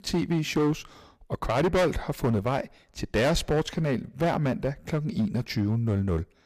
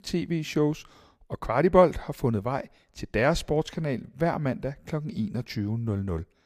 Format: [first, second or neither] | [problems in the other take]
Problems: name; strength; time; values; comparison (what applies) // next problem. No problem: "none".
second | distortion; heavy; 10% of the sound clipped